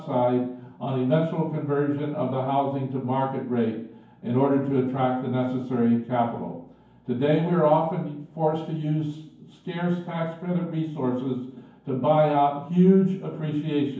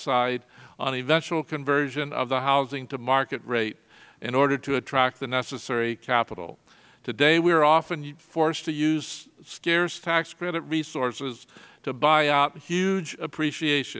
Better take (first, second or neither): second